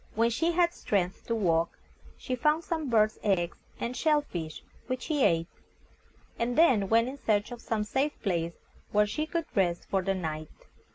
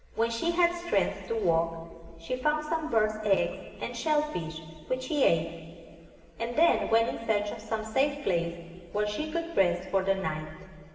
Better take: first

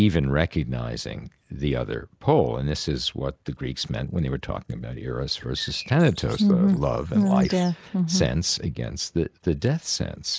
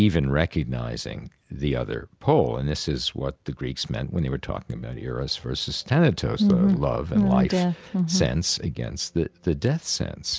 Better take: second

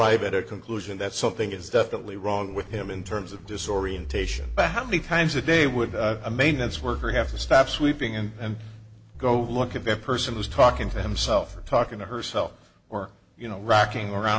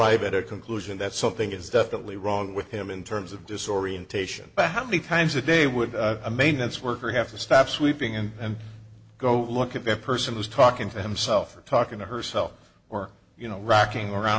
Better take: second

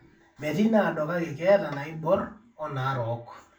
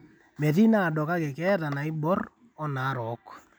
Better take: second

